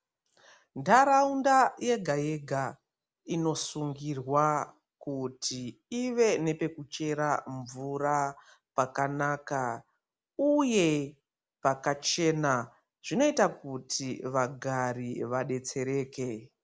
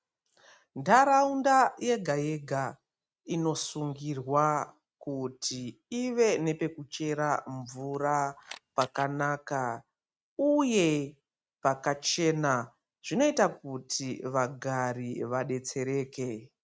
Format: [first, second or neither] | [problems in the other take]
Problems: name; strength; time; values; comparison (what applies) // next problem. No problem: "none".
first | noise reduction (neural mask model RNNoise)